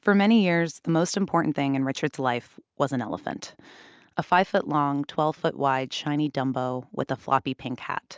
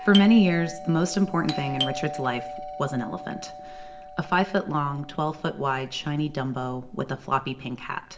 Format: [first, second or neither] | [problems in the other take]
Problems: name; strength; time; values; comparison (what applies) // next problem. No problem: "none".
first | background sound (Doorbell); 11 dB below the speech // room echo; dies away in 0.6 s